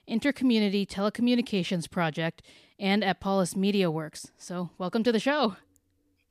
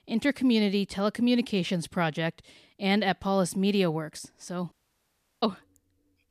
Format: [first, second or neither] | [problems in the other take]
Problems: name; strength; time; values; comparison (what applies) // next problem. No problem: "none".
first | audio cutting out; at 4.5 s for 0.5 s